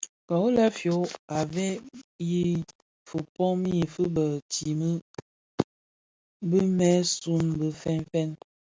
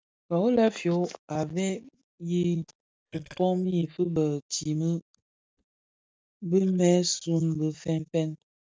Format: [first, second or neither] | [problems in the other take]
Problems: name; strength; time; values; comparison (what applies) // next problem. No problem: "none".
first | noise reduction (neural mask model DeepFilterNet 3)